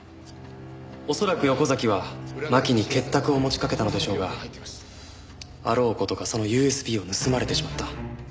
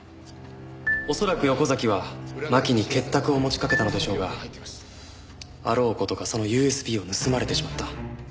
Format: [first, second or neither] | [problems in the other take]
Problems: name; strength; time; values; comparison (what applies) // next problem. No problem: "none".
first | background sound (Marimba, xylophone); 9 dB below the speech